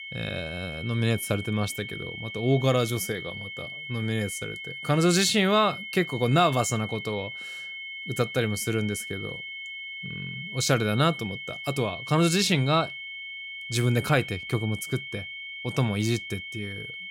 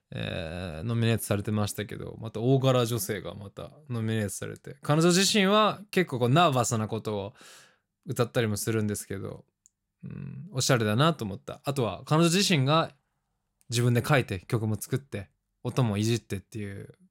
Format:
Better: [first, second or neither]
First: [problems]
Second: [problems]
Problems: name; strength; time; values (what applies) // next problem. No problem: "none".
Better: second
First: high-pitched whine; loud; throughout; 2 kHz, 9 dB below the speech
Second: none